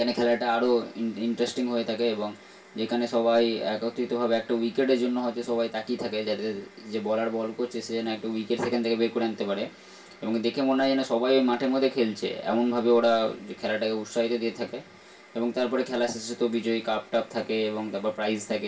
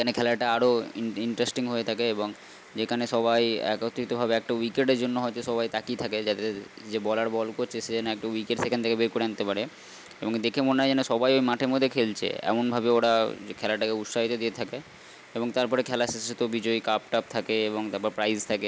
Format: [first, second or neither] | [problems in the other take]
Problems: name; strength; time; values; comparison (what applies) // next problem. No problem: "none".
second | room echo; dies away in 0.2 s